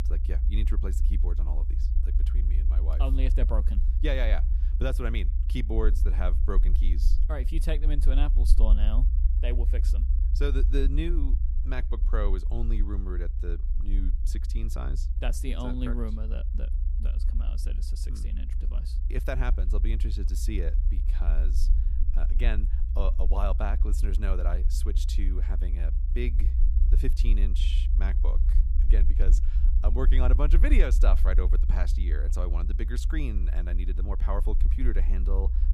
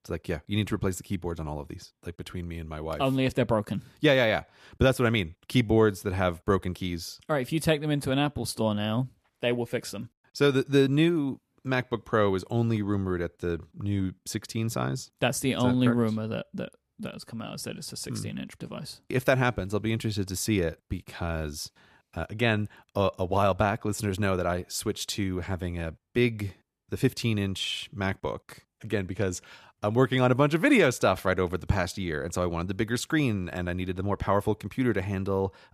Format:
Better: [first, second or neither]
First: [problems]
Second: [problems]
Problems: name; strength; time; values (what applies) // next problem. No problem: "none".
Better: second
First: low rumble; noticeable; throughout; 10 dB below the speech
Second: none